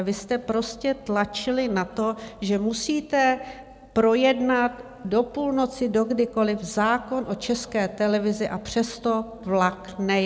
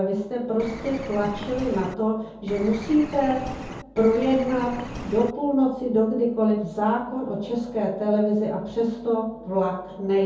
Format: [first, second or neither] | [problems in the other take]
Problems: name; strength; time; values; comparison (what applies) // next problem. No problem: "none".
first | background sound (Bird); 11 dB below the speech // room echo; dies away in 0.6 s